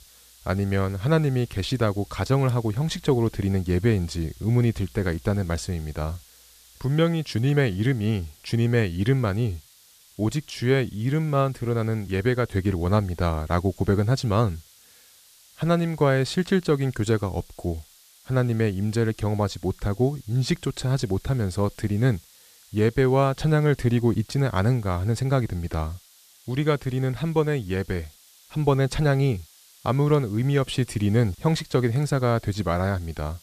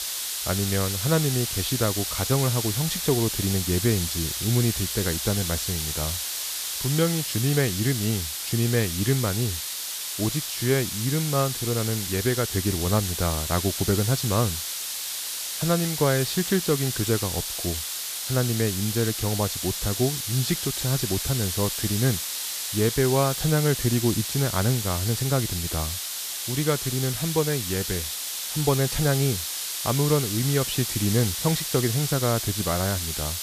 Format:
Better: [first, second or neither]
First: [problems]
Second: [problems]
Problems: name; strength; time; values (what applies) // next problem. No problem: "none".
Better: first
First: hiss; faint; throughout; 25 dB below the speech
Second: hiss; loud; throughout; 2 dB below the speech